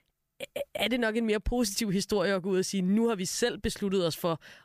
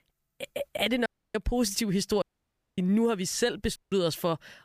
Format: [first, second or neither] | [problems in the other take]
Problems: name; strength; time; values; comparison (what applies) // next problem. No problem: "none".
first | audio cutting out; at 1 s, at 2 s for 0.5 s and at 4 s